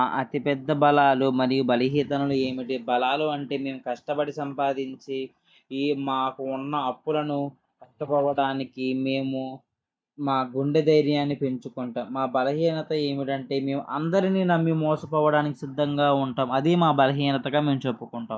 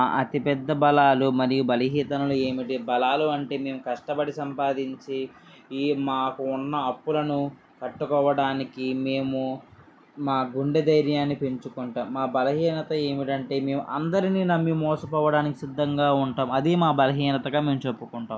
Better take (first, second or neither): second